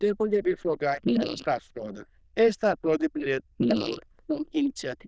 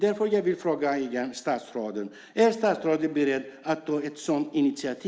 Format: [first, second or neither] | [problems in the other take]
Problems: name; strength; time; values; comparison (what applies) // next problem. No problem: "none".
second | noise reduction (neural diffusion model UNIVERSE++)